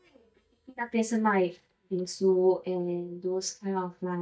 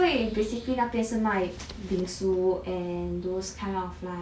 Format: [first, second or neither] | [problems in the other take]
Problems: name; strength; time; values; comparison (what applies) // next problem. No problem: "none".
second | noise reduction (neural mask model DeepFilterNet 3)